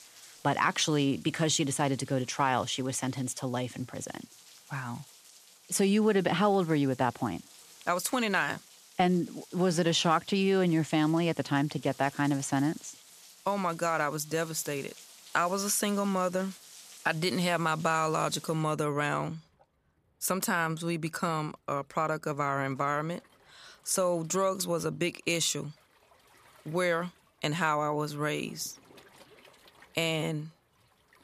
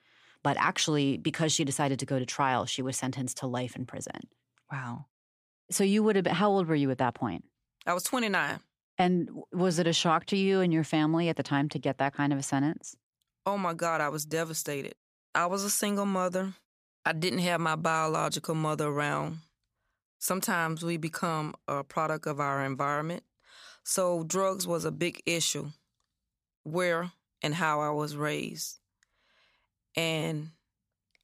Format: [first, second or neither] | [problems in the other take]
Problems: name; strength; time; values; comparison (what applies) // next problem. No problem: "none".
second | rain or running water; faint; throughout; 20 dB below the speech